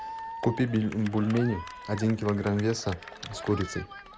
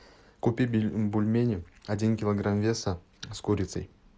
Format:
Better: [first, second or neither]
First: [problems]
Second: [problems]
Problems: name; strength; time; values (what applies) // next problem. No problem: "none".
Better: second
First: background sound (Cheering); 13 dB below the speech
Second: none